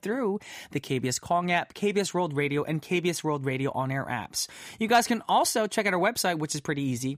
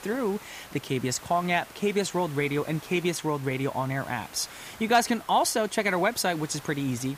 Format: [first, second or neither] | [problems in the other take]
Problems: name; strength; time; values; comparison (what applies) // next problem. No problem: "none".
first | hiss; noticeable; throughout; 20 dB below the speech